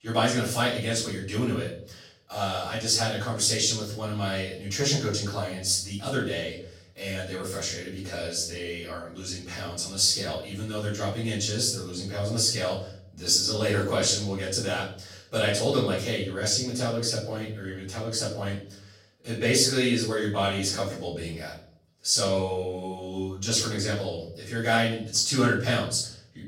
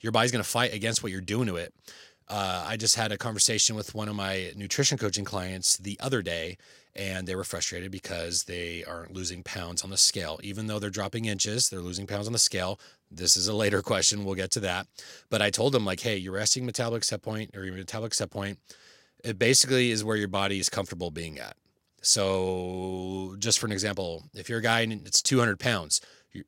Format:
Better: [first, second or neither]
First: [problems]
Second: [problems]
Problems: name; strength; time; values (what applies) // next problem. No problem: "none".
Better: second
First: off-mic speech; far // room echo; noticeable; dies away in 0.5 s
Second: none